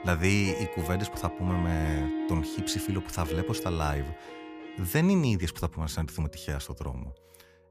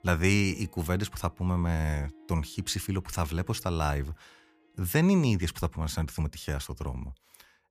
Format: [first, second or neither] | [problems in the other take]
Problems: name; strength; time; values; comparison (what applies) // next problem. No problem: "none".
second | background music; loud; throughout; 7 dB below the speech; faint in the second